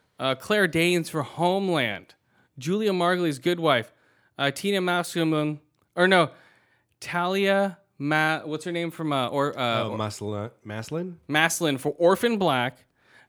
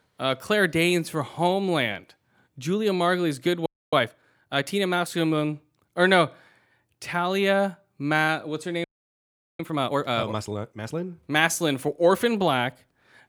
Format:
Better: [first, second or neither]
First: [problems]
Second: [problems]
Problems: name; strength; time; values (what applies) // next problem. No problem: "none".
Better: first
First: none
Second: audio freezing; at 3.5 s and at 9 s for 1 s